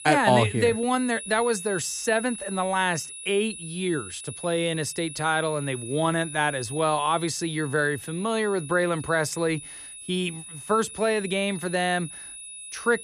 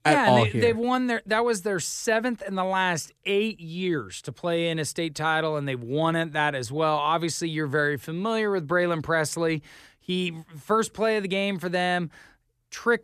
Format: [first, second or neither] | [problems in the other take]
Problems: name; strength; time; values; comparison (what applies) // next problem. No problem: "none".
second | high-pitched whine; noticeable; throughout; 10 kHz, 10 dB below the speech